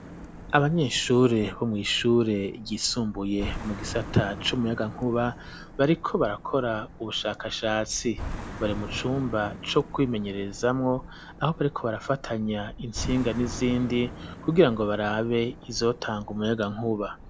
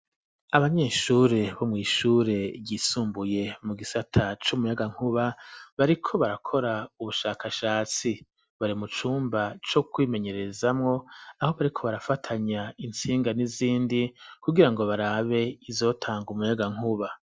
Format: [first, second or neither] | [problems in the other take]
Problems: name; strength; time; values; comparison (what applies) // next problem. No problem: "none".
second | background sound (Car passing by); 13 dB below the speech